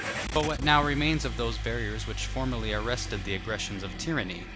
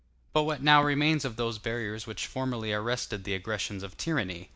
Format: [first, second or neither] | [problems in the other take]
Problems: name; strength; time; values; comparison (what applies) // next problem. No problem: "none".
second | background sound (Engine starting / Car); 4 dB below the speech